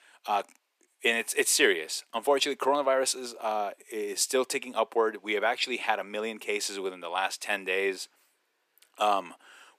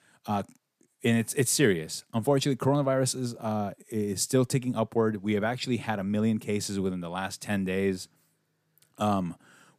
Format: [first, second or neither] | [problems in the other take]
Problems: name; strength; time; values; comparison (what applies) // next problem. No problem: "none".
second | thin; very; fading below 350 Hz